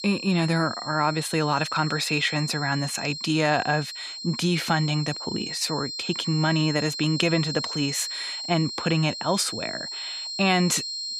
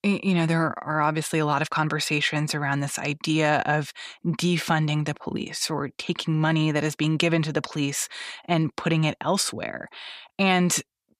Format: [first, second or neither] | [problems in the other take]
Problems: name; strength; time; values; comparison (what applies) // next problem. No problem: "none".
second | high-pitched whine; loud; throughout; 4 kHz, 6 dB below the speech